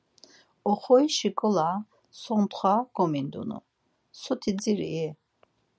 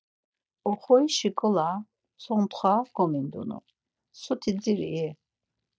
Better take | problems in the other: first | noise reduction (neural mask model DeepFilterNet 3)

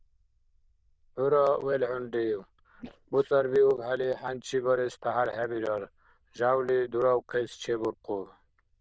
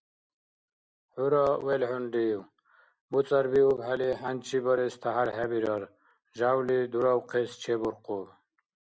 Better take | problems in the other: second | noise reduction (neural diffusion model UNIVERSE++)

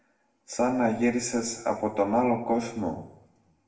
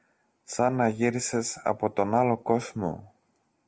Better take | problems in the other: second | room echo; dies away in 0.7 s

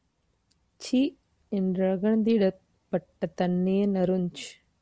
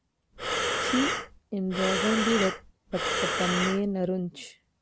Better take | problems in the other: first | background sound (Breathing); 1 dB above the speech

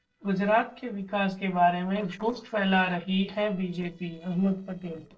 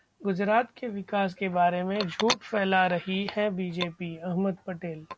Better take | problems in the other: second | noise reduction (neural separator model SepFormer DNS4)

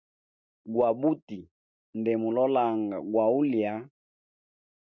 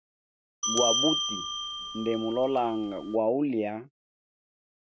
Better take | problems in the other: first | background sound (Bell); 1 dB below the speech

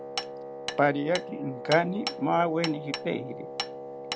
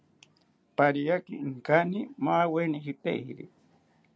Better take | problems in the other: second | background sound (Hammer + Wind instrument, woodwind instrument); 7 dB below the speech

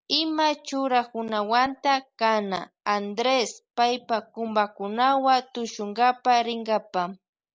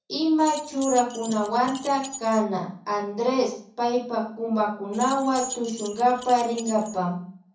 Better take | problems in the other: first | background sound (Keys jangling); 14 dB below the speech // room echo; dies away in 0.6 s

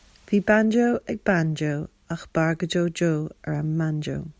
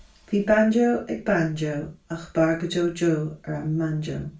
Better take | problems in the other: first | room echo; dies away in 0.3 s

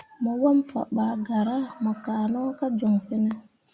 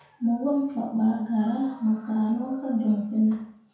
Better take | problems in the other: first | room echo; dies away in 0.5 s

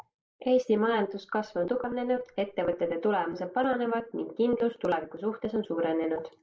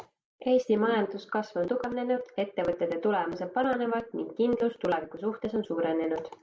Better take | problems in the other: second | noise reduction (neural mask model Resemble Enhance denoiser)

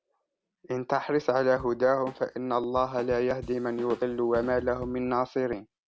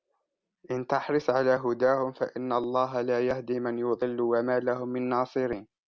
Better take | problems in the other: second | background sound (Drum / Drum kit); 18 dB below the speech

